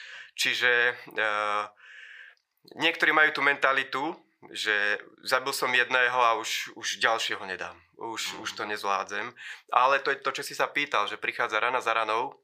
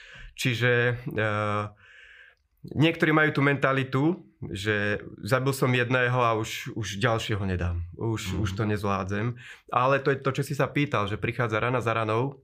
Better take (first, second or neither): second